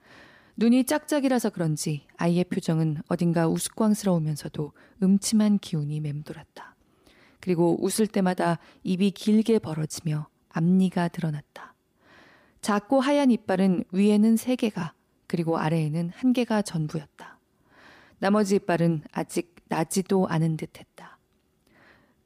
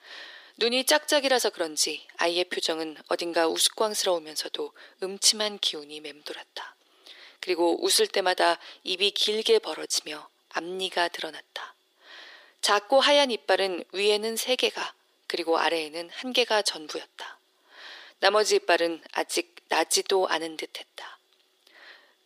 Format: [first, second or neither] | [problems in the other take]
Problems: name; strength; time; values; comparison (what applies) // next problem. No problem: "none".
first | thin; very; fading below 350 Hz